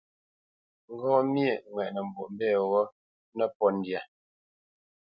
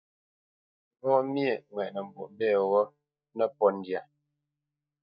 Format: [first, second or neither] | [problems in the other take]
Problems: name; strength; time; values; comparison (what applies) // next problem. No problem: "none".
first | noise reduction (neural mask model DeepFilterNet 3)